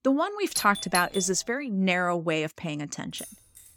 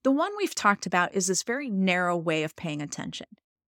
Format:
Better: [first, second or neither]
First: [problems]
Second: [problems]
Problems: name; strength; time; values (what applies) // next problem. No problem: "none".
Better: second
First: doorbell; noticeable; at 0.5 s; peak 5 dB below the speech // jangling keys; faint; at 3 s; peak 15 dB below the speech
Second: none